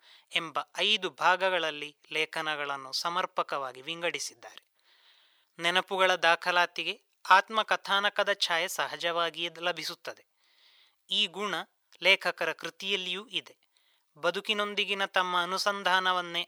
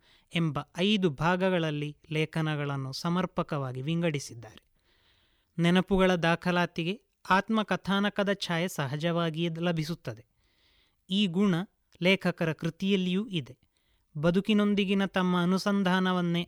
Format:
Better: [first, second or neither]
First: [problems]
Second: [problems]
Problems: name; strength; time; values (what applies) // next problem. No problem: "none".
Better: second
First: thin; very; fading below 800 Hz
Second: none